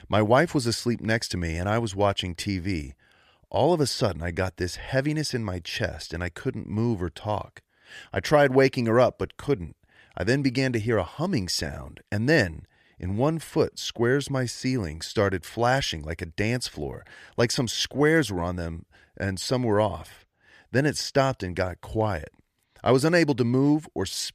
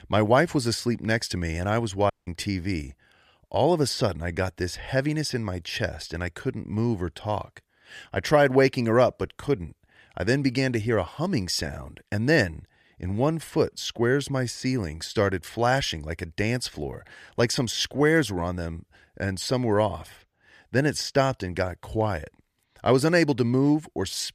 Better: first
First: none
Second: audio cutting out; at 2 s

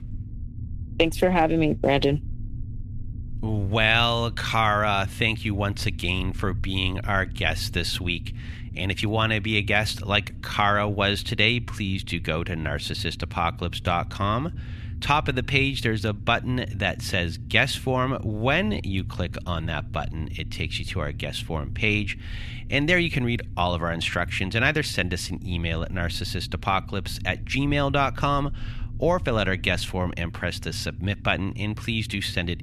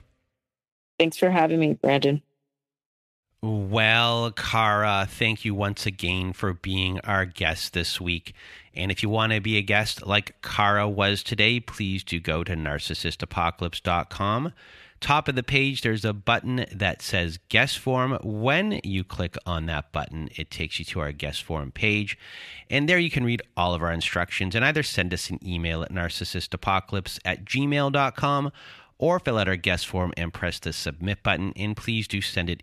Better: second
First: low rumble; faint; throughout; 25 dB below the speech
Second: none

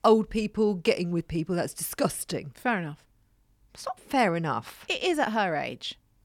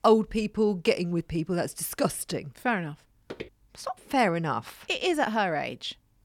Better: first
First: none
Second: footsteps; faint; at 3.5 s; peak 15 dB below the speech

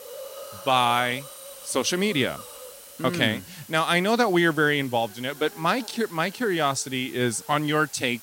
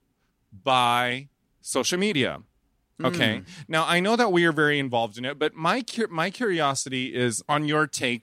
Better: second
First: hiss; noticeable; throughout; 15 dB below the speech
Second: none

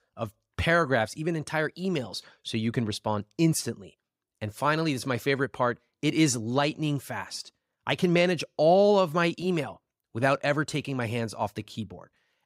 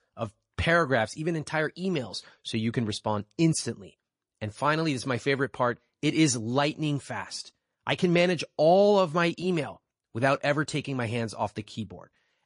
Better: first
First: none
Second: garbled, watery; slightly; nothing above 10.5 kHz

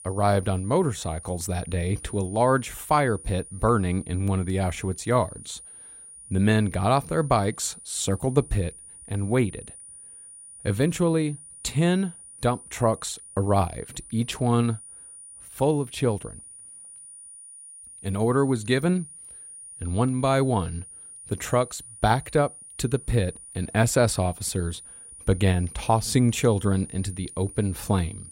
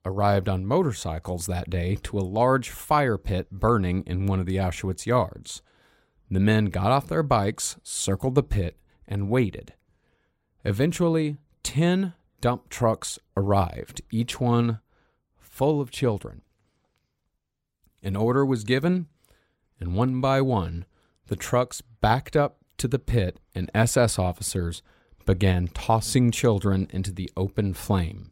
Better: second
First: high-pitched whine; noticeable; throughout; 9.5 kHz, 15 dB below the speech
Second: none

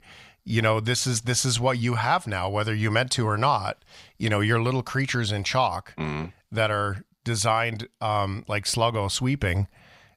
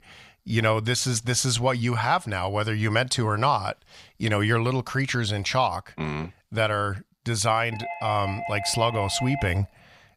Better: first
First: none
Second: doorbell; noticeable; from 7.5 to 9.5 s; peak 8 dB below the speech

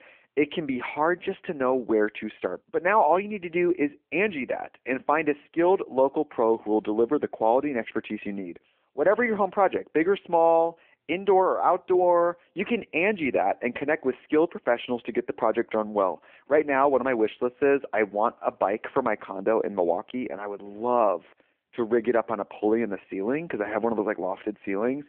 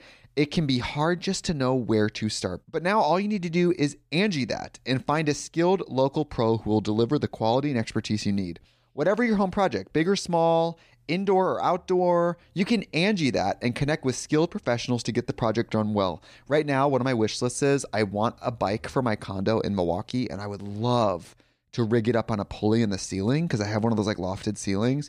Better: second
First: phone-call audio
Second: none

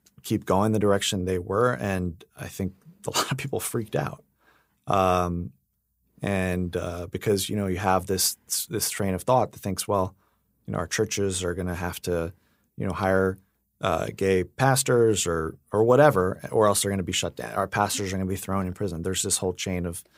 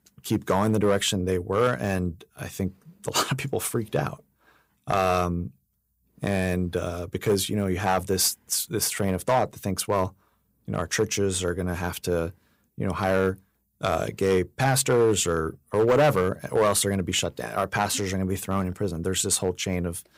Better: first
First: none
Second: distortion; slight; 2% of the sound clipped

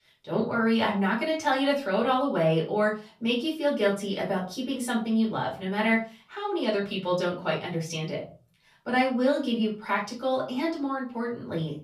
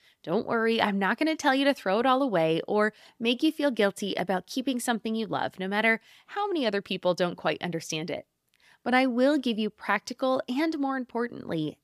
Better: second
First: off-mic speech; far // room echo; slight; dies away in 0.4 s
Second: none

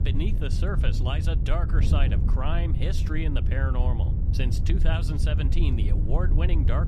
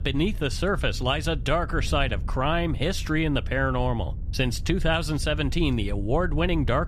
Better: second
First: wind noise on the microphone; heavy; 6 dB below the speech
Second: wind noise on the microphone; occasional gusts; 20 dB below the speech

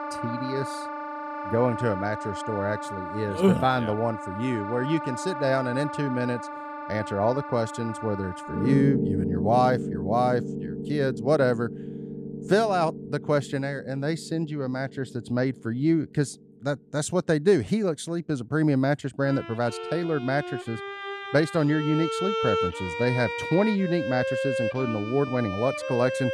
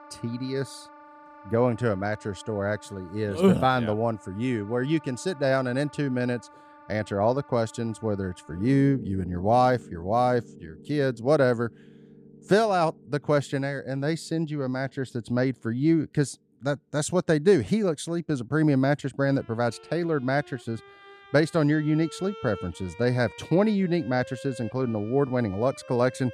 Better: second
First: background music; loud; throughout; 6 dB below the speech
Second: background music; faint; throughout; 20 dB below the speech

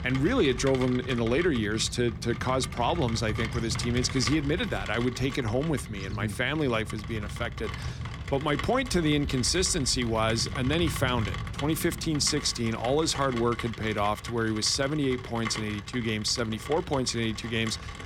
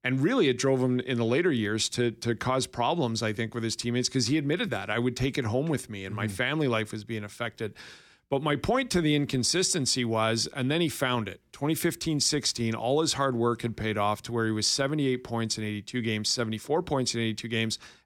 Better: second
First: rain or running water; loud; throughout; 9 dB below the speech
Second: none

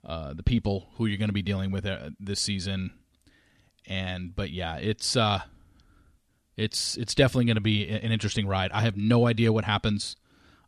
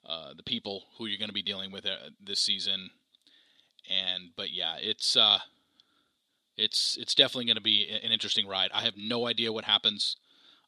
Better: first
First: none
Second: thin; somewhat; fading below 300 Hz

